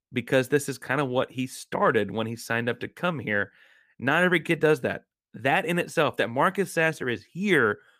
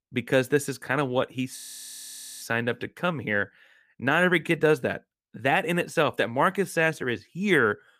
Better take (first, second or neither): first